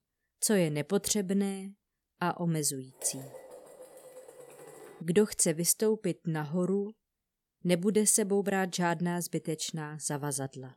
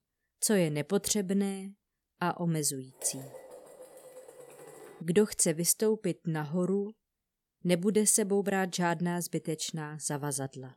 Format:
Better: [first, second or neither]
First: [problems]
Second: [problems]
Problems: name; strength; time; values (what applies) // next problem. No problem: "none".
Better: neither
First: clattering dishes; faint; from 3 to 5 s; peak 15 dB below the speech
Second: clattering dishes; faint; from 3 to 5 s; peak 15 dB below the speech